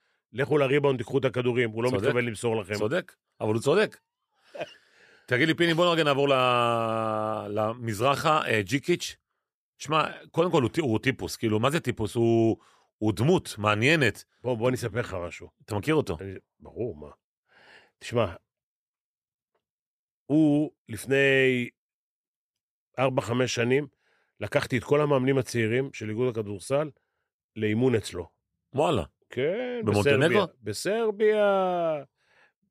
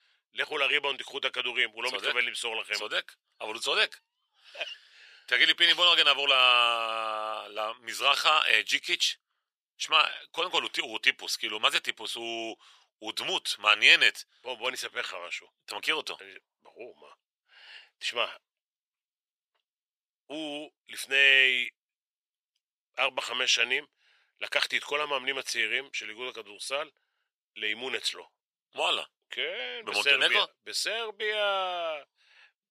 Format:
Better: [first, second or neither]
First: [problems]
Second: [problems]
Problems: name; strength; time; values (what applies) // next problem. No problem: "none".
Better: first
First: none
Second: thin; very; fading below 800 Hz